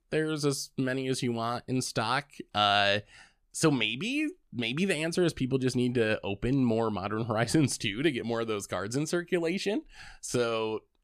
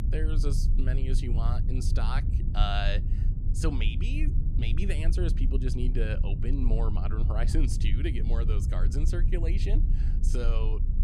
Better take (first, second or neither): first